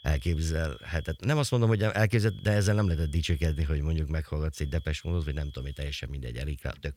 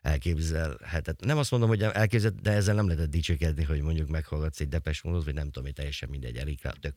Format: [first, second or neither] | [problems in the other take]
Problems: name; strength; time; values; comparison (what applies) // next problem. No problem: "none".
second | high-pitched whine; faint; until 1 s, from 2.5 to 3.5 s and from 4.5 to 6 s; 3.5 kHz, 25 dB below the speech